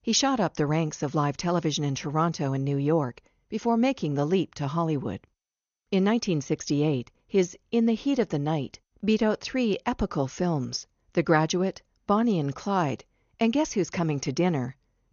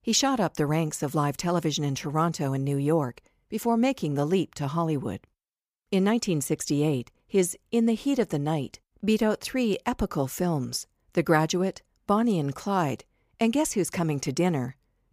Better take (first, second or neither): second